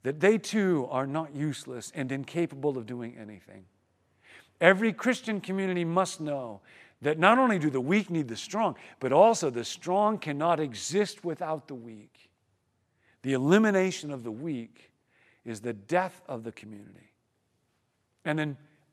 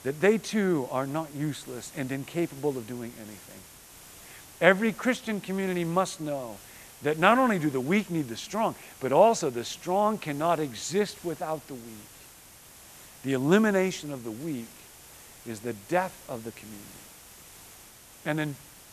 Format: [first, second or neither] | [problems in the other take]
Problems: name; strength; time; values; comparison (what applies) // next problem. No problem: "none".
first | hiss; noticeable; throughout; 20 dB below the speech